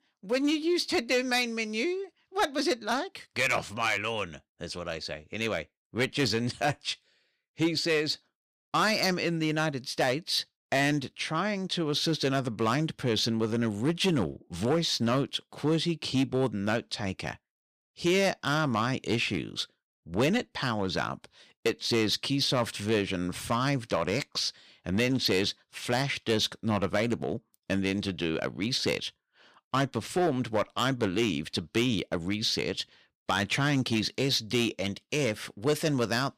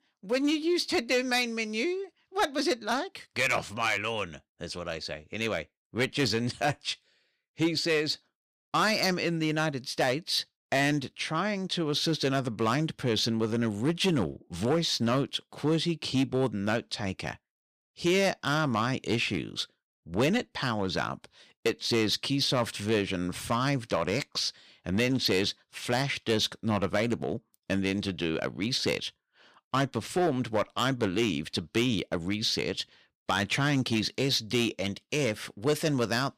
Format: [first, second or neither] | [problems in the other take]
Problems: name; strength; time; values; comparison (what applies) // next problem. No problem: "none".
neither | distortion; slight; 4% of the sound clipped; the same in both